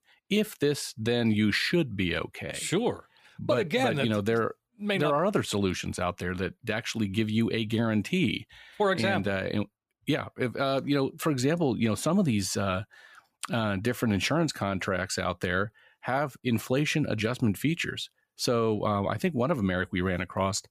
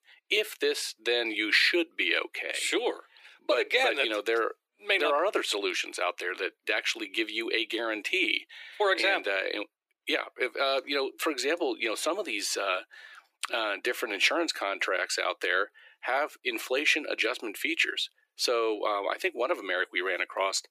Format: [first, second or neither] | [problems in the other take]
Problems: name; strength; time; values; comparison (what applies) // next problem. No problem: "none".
first | thin; very; fading below 350 Hz